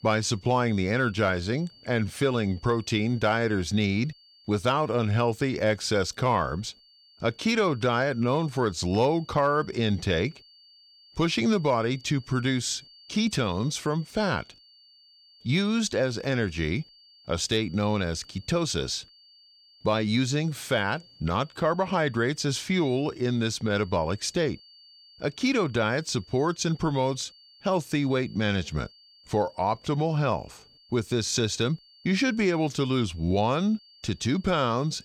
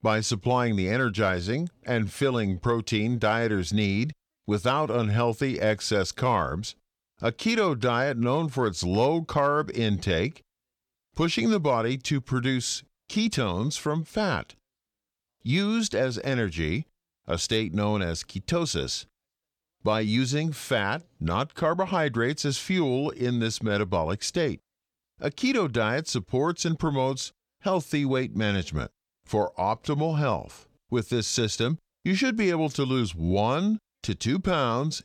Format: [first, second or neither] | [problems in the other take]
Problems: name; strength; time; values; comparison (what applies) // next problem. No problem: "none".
second | high-pitched whine; faint; throughout; 4.5 kHz, 25 dB below the speech